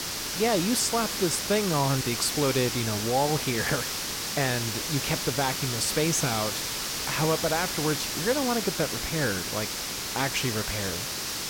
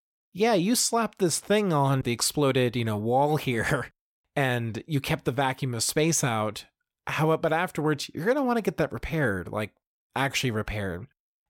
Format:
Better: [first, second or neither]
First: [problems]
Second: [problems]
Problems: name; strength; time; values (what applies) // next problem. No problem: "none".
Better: second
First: hiss; loud; throughout; 1 dB below the speech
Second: none